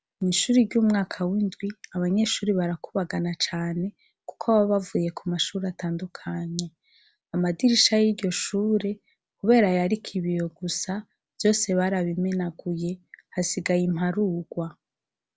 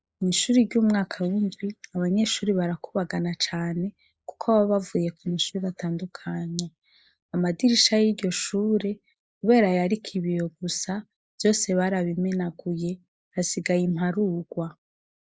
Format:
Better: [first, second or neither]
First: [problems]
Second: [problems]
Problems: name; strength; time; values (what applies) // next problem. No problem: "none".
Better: first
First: none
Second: noise reduction (neural mask model Resemble Enhance denoiser)